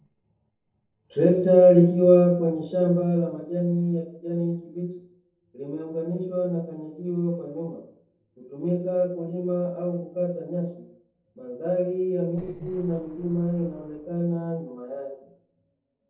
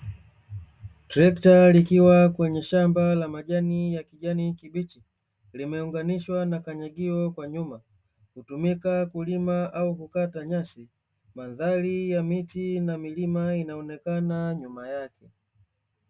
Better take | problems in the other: second | noise reduction (neural separator model SepFormer DNS4)

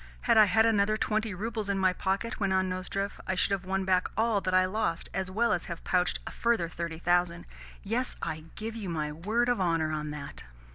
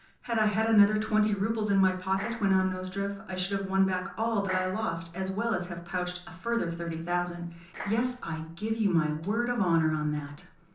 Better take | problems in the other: first | noise reduction (neural separator model SepFormer DNS4)

